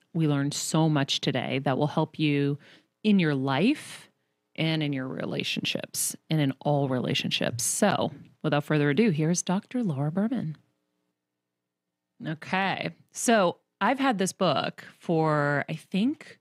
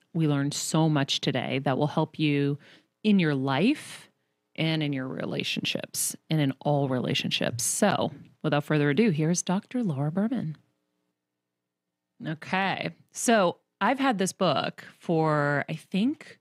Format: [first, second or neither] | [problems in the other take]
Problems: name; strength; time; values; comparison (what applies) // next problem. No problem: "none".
neither | none